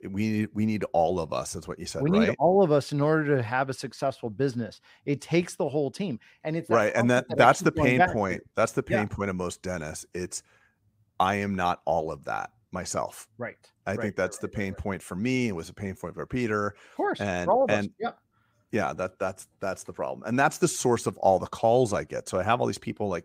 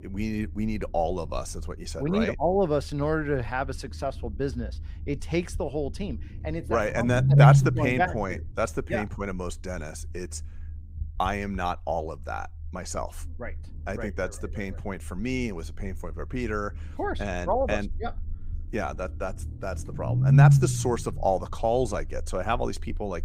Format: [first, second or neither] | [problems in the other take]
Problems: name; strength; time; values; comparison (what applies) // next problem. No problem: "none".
first | low rumble; loud; throughout; 3 dB below the speech